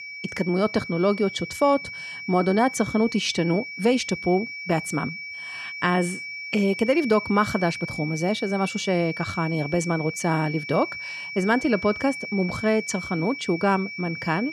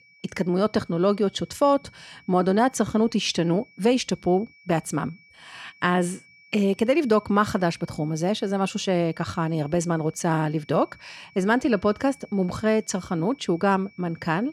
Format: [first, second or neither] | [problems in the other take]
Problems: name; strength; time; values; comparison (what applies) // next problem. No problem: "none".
second | high-pitched whine; loud; throughout; 2.5 kHz, 9 dB below the speech; faint in the second